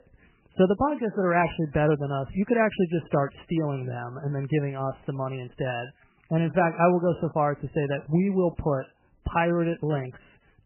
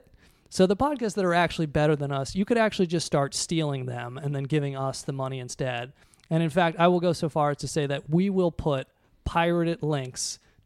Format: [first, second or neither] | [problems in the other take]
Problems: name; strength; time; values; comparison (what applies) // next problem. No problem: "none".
second | garbled, watery; badly; nothing above 3 kHz